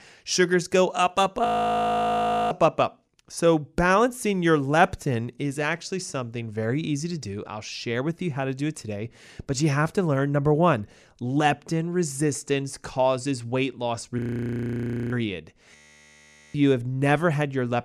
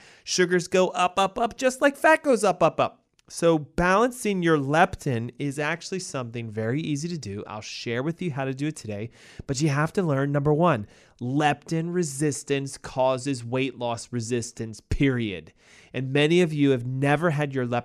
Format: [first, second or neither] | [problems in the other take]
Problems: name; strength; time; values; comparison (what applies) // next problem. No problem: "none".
second | audio freezing; at 1.5 s for 1 s, at 14 s for 1 s and at 16 s for 1 s